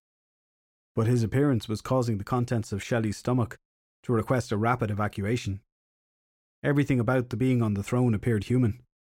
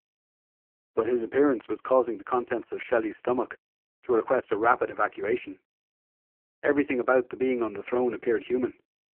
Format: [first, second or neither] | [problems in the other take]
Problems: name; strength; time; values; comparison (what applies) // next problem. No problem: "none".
first | phone-call audio; poor line